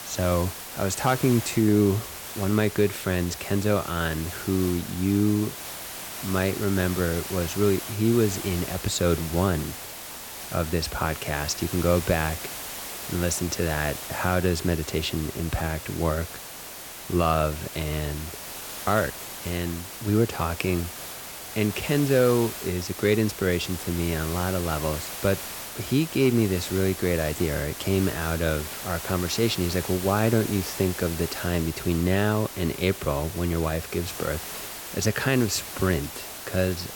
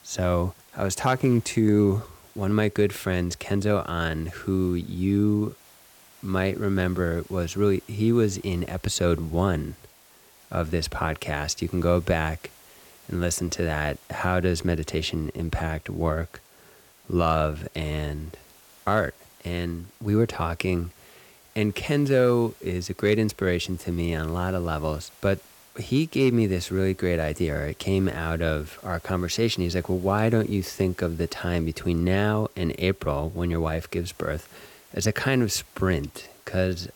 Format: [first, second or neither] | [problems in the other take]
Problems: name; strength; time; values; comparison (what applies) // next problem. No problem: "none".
second | hiss; loud; throughout; 9 dB below the speech; faint in the second